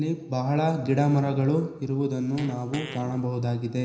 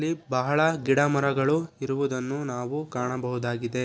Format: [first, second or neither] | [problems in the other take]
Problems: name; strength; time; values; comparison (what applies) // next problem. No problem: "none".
second | background sound (Fart); 15 dB below the speech // room echo; dies away in 0.9 s